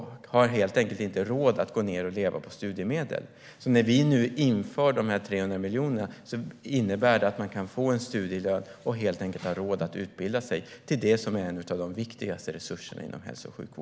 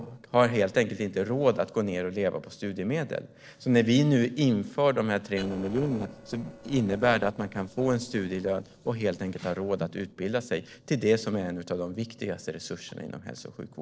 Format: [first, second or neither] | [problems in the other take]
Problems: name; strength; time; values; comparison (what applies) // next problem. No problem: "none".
first | noise reduction (neural separator model SepFormer DNS4)